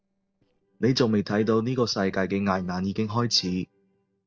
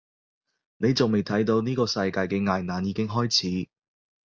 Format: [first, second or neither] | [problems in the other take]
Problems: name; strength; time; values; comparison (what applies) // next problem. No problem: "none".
second | noise reduction (neural separator model SepFormer DNS4)